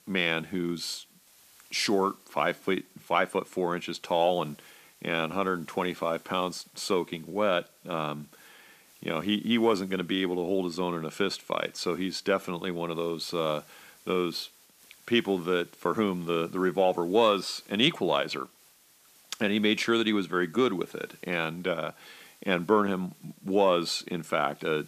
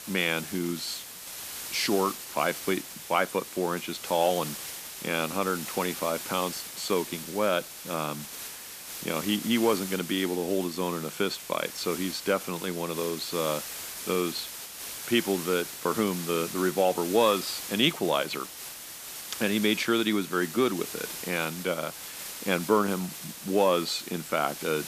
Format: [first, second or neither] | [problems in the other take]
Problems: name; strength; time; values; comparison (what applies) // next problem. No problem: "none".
first | hiss; loud; throughout; 8 dB below the speech; faint in the first